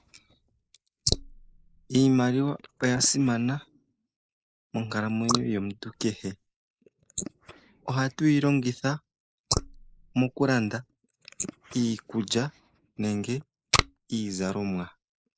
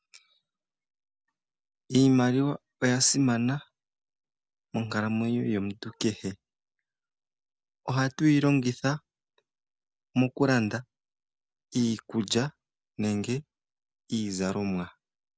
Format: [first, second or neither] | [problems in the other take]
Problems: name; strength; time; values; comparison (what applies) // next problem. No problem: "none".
second | noise reduction (neural mask model Resemble Enhance denoiser)